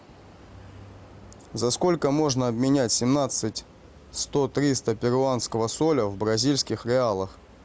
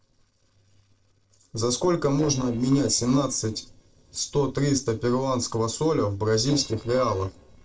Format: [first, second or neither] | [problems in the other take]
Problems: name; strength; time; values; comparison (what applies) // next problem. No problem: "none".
first | noise reduction (neural separator model SepFormer DNS4)